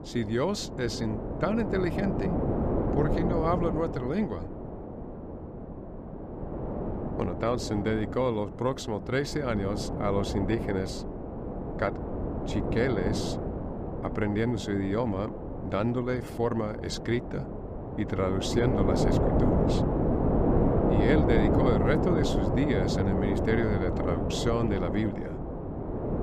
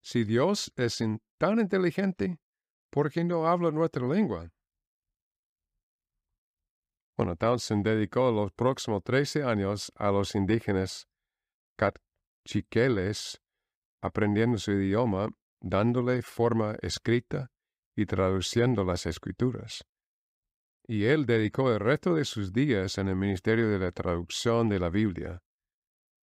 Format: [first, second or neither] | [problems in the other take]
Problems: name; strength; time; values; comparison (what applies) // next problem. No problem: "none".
second | wind noise on the microphone; heavy; 2 dB below the speech